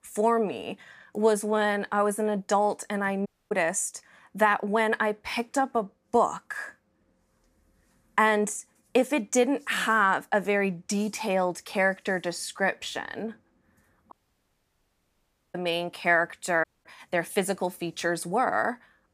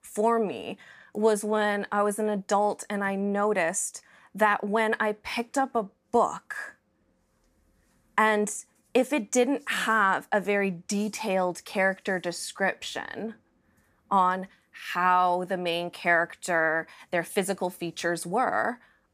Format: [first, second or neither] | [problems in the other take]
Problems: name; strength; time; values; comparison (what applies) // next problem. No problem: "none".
second | audio cutting out; at 3.5 s, at 14 s for 1.5 s and at 17 s